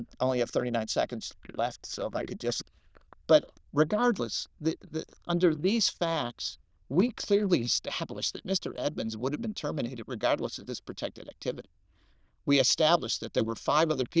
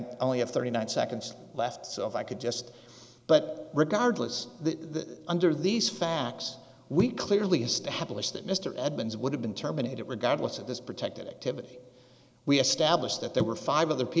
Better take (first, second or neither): second